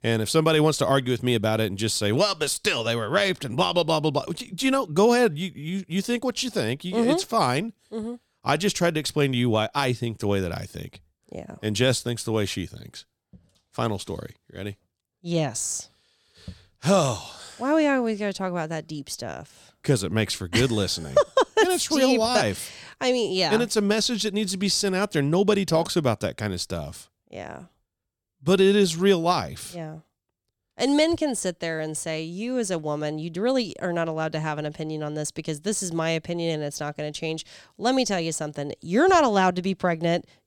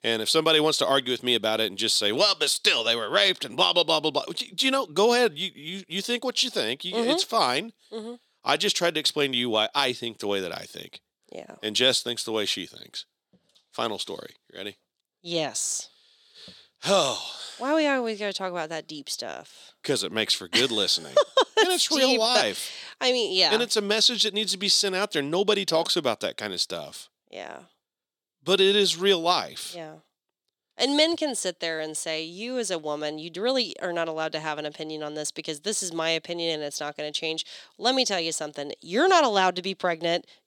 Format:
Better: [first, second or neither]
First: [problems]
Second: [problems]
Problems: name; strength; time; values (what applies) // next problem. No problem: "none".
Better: first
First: none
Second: thin; very slightly; fading below 300 Hz